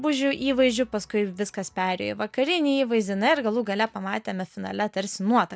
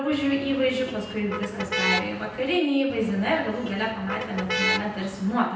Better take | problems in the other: first | background sound (Motor vehicle (road)); 5 dB below the speech // room echo; dies away in 0.9 s

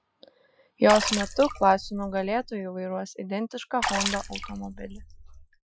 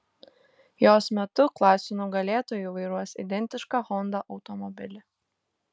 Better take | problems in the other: second | noise reduction (classical method Wiener filter)

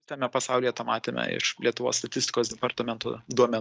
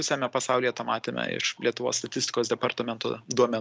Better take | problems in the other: second | noise reduction (neural mask model DeepFilterNet 3)

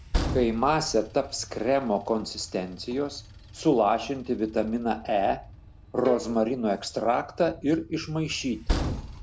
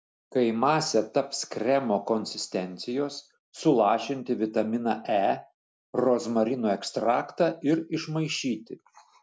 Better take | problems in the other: second | background sound (Bowed string instrument + Train); 8 dB below the speech

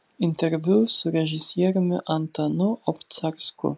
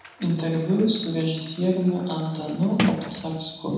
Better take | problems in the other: first | background sound (Sliding door); 7 dB below the speech // room echo; dies away in 1.1 s

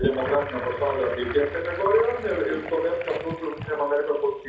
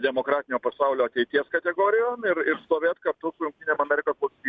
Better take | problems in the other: second | background sound (Sink (filling or washing) / Gurgling); 10 dB below the speech // room echo; dies away in 0.7 s

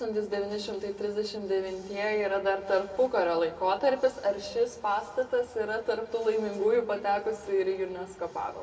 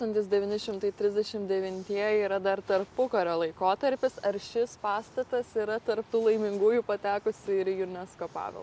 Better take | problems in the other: second | room echo; dies away in 1.1 s

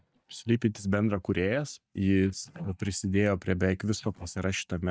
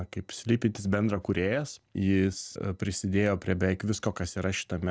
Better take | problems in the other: second | noise reduction (neural mask model DeepFilterNet 3)

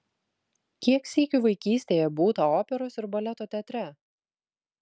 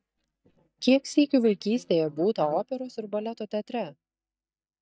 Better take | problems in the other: first | noise reduction (neural mask model DeepFilterNet 3)

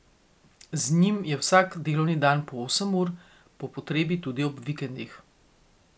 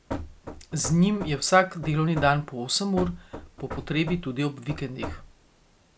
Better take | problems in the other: first | background sound (Knock / Wood); 12 dB below the speech

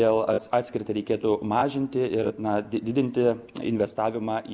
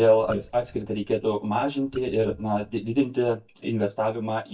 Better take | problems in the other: first | noise reduction (neural mask model DeepFilterNet 3)

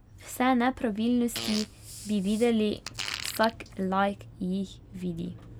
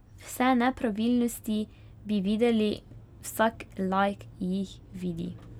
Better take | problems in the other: second | background sound (Fart); 11 dB below the speech

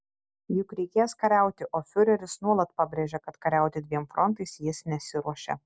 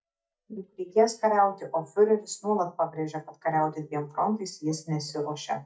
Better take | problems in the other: first | noise reduction (neural mask model DeepFilterNet 3)

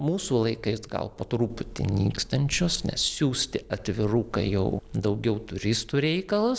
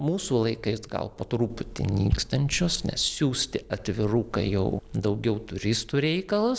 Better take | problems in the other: first | background sound (Bass drum); 9 dB below the speech

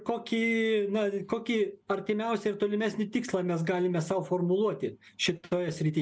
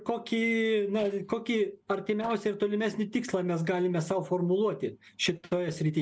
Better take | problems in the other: first | noise reduction (neural separator model SepFormer DNS4)

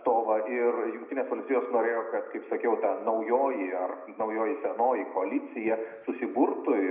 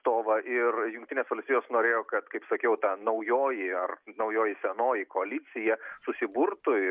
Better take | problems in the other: second | room echo; dies away in 0.7 s

